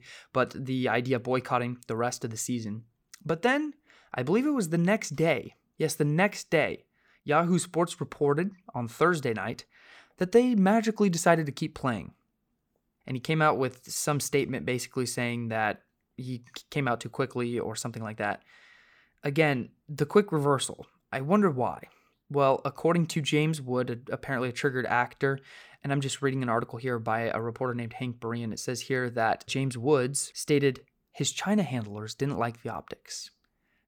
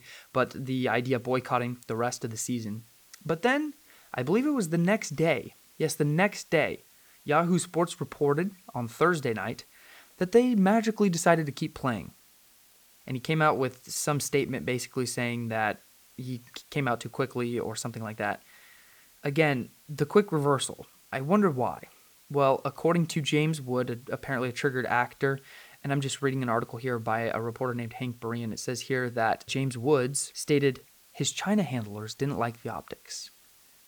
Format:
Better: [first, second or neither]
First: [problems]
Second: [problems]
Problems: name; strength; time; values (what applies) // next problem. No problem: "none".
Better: first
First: none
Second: hiss; faint; throughout; 25 dB below the speech